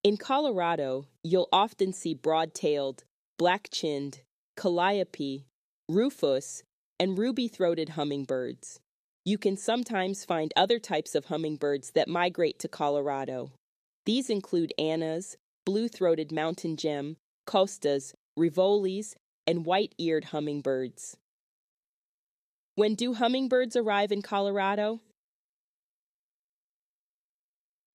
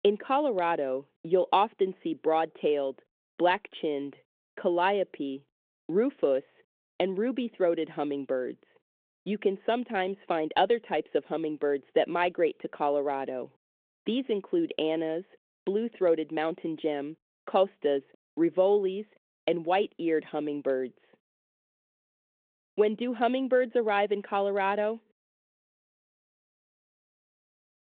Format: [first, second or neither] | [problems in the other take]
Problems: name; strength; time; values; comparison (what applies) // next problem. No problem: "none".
first | phone-call audio; nothing above 3.5 kHz